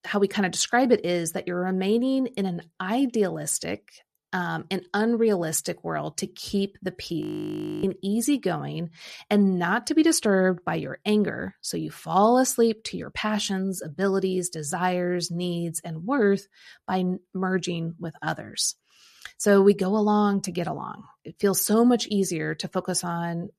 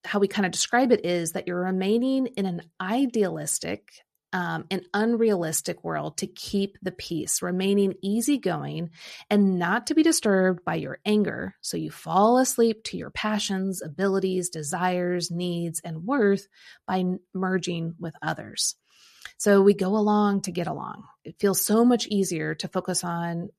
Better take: second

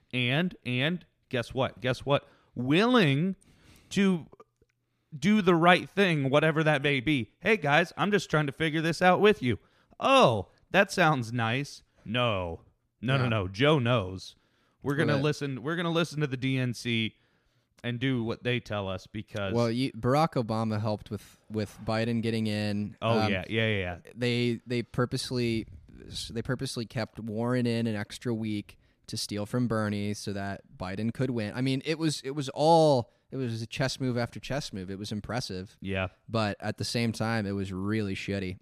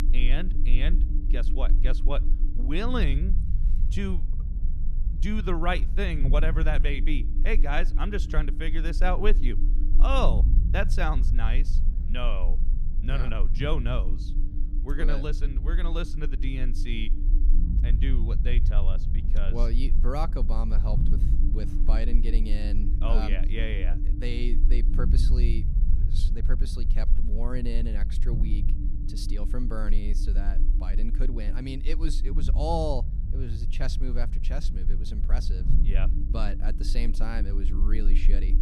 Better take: first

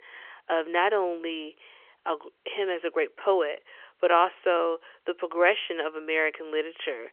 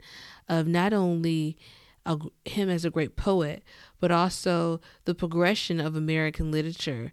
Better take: second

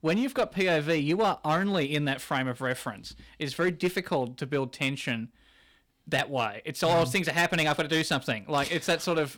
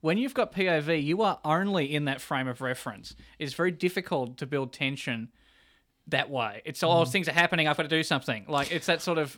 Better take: second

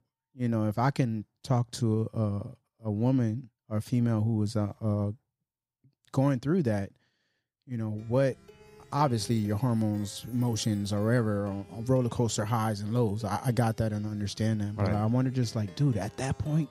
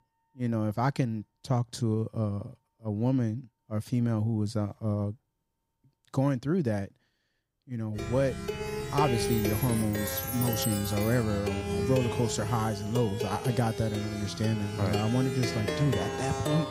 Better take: first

